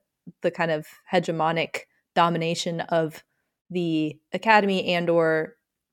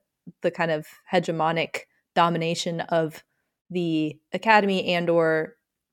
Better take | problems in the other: neither | none

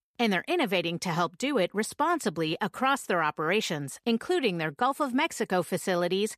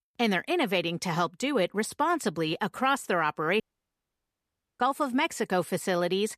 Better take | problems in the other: first | audio cutting out; at 3.5 s for 1 s

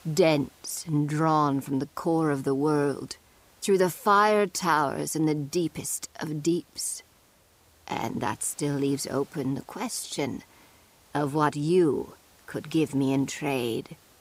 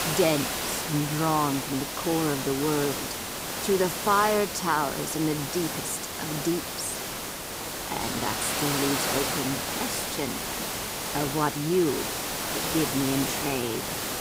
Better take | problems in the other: first | hiss; loud; throughout; 1 dB below the speech; faint in the first

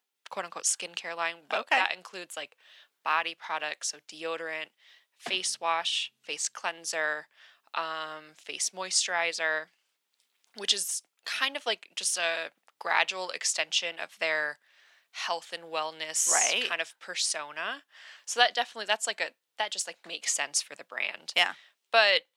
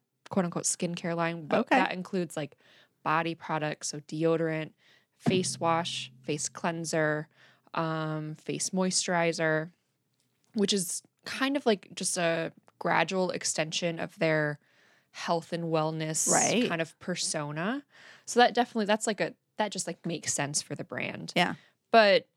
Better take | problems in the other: second | thin; very; fading below 850 Hz

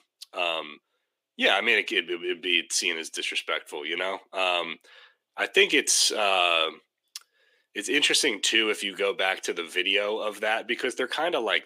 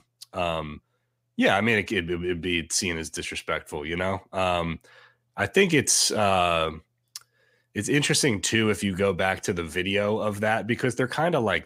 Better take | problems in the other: second | thin; somewhat; fading below 300 Hz

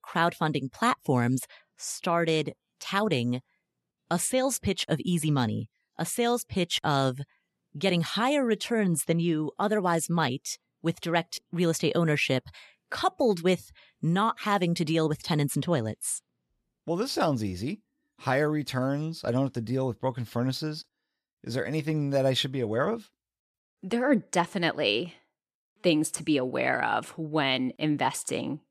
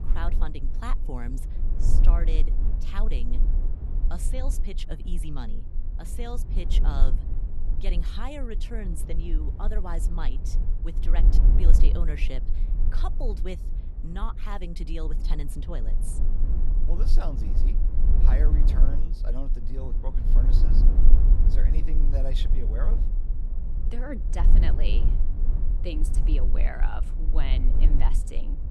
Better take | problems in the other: first | low rumble; loud; throughout; 6 dB below the speech

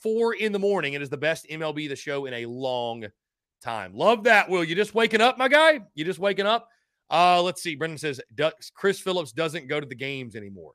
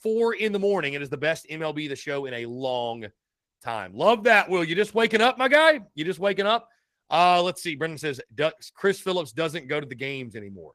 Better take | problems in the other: first | garbled, watery; slightly; nothing above 14.5 kHz

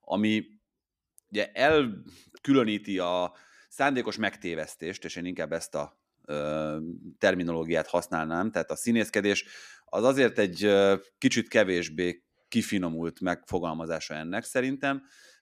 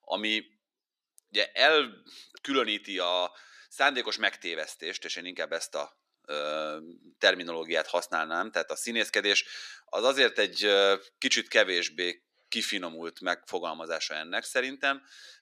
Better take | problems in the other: first | thin; somewhat; fading below 450 Hz

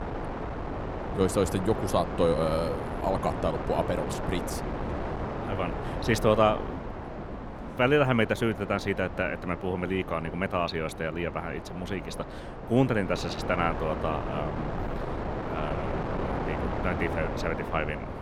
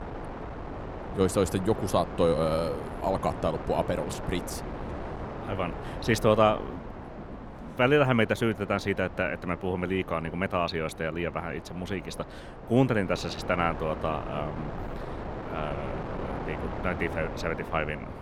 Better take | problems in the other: second | wind noise on the microphone; heavy; 7 dB below the speech; occasional gusts in the second

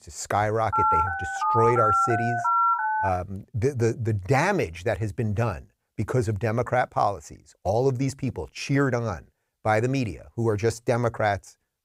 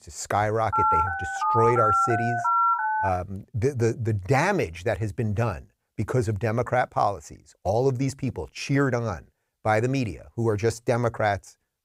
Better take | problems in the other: neither | phone ringing; loud; from 0.5 to 3 s; peak 5 dB above the speech; the same in both

